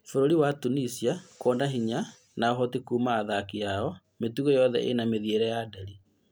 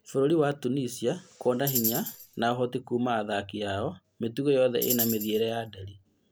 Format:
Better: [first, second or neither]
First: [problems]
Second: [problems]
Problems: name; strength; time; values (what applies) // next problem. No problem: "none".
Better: first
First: none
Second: background sound (Tambourine); 6 dB below the speech